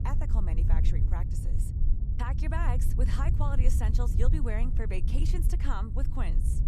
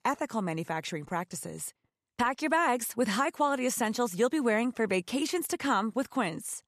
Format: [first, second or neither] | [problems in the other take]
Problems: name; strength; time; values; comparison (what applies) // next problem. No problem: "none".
second | low rumble; loud; throughout; 6 dB below the speech